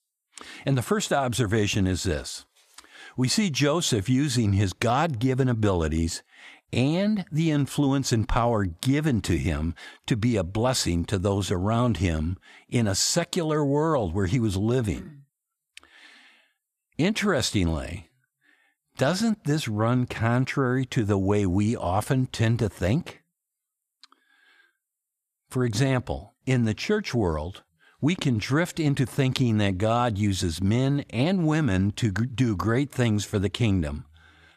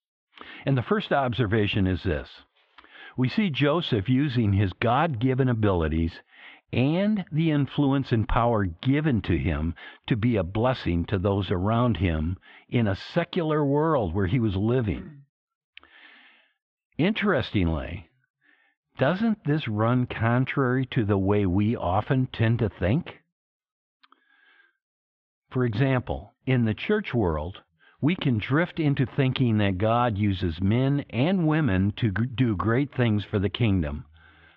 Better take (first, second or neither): first